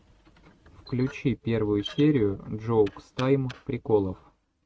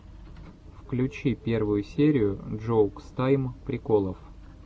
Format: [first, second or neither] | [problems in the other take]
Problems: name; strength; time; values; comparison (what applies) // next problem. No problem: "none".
second | noise reduction (neural mask model RNNoise)